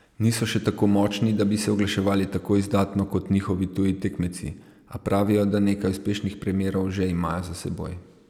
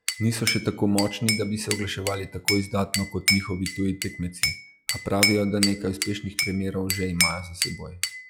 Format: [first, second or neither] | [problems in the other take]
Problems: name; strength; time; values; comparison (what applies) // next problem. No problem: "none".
first | noise reduction (classical method log-MMSE)